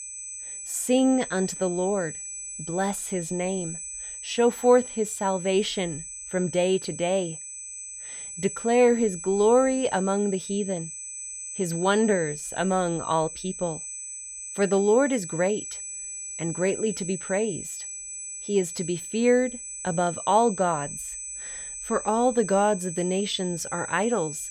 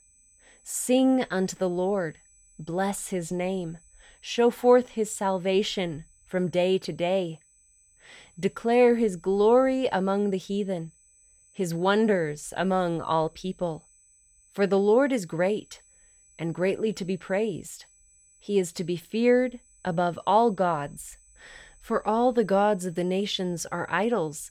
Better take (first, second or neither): second